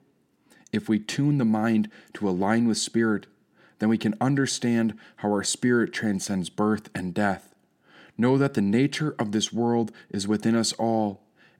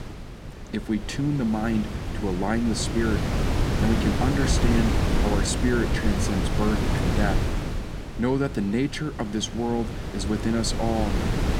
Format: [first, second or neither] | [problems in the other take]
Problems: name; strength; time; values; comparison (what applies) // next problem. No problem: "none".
first | wind noise on the microphone; heavy; 2 dB below the speech